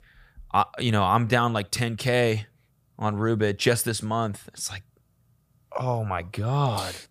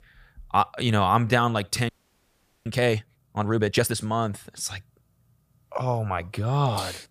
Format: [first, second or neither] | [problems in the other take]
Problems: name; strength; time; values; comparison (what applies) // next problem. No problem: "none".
first | audio freezing; at 2 s for 1 s